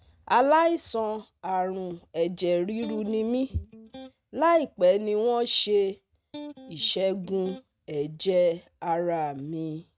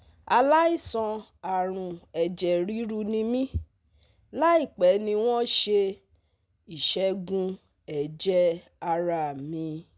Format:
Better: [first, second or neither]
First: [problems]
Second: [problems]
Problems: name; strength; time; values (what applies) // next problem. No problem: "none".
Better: second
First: noise reduction (neural mask model RNNoise)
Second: none